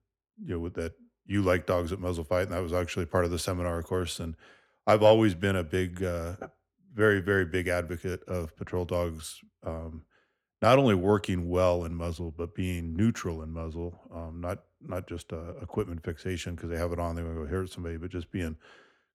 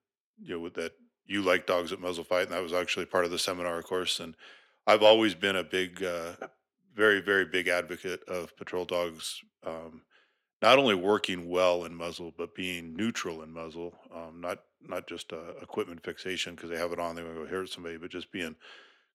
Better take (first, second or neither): first